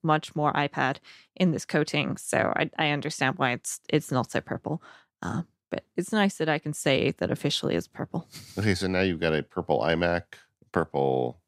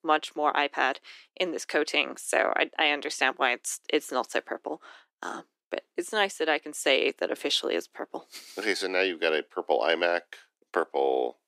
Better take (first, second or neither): first